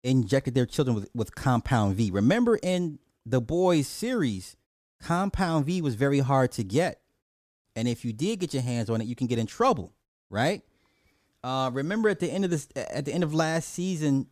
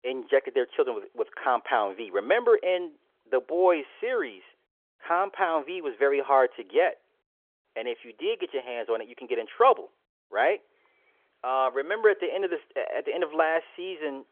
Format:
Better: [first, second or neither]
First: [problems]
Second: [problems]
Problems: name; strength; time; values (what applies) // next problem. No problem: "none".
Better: first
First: none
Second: phone-call audio; nothing above 3.5 kHz